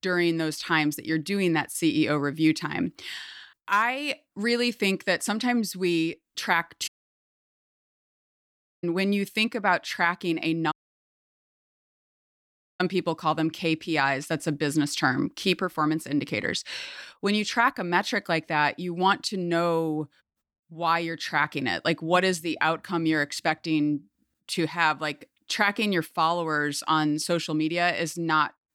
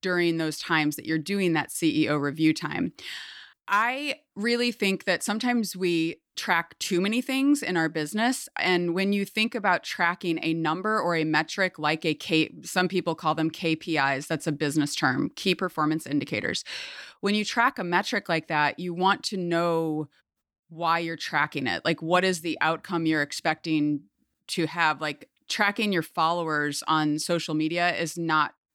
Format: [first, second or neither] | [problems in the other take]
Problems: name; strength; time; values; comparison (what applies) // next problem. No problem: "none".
second | audio cutting out; at 7 s for 2 s and at 11 s for 2 s